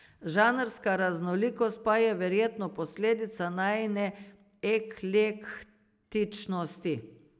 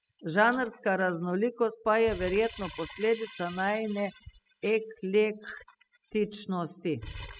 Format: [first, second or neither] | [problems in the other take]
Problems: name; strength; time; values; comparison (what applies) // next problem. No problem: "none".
first | noise reduction (classical method spectral subtraction)